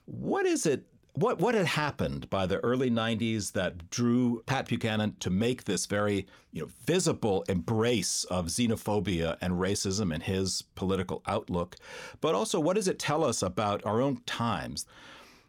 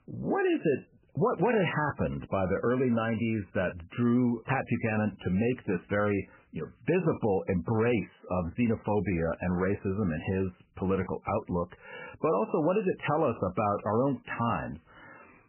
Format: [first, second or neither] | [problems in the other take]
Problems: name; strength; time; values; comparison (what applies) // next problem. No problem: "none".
first | garbled, watery; badly; nothing above 3 kHz